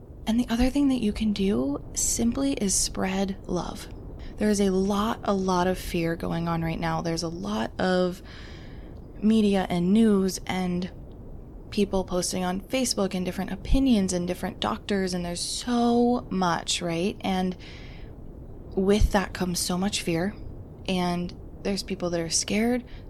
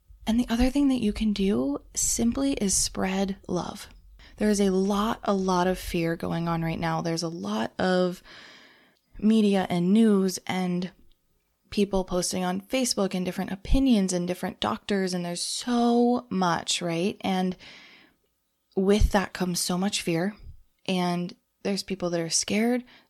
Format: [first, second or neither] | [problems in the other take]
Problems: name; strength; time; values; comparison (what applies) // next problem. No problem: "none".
second | wind noise on the microphone; occasional gusts; 20 dB below the speech